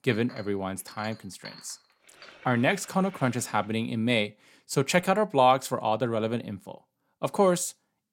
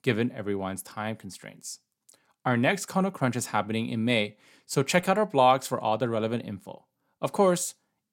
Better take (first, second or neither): second